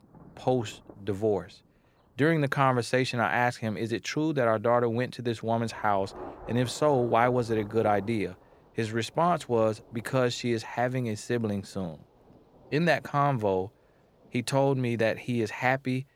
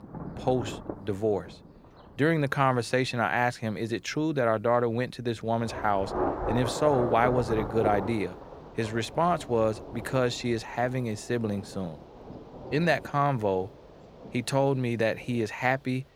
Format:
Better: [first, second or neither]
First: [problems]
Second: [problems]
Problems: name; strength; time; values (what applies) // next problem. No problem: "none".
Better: first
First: rain or running water; faint; throughout; 20 dB below the speech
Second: rain or running water; loud; throughout; 9 dB below the speech